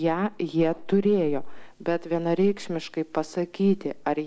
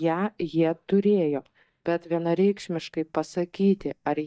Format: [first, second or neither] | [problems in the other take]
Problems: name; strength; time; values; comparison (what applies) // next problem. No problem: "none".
first | noise reduction (neural mask model DeepFilterNet 3)